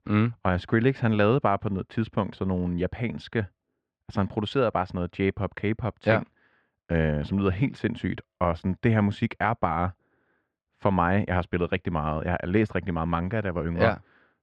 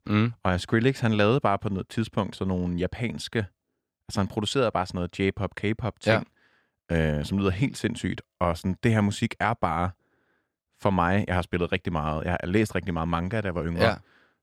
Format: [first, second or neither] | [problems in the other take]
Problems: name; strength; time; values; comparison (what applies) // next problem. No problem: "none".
second | muffled; slightly; fading above 2.5 kHz